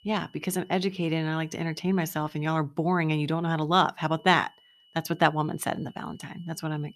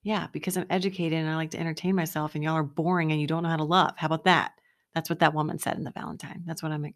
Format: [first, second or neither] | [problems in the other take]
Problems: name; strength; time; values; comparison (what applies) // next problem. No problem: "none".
second | high-pitched whine; faint; until 2.5 s and from 4 s on; 3 kHz, 30 dB below the speech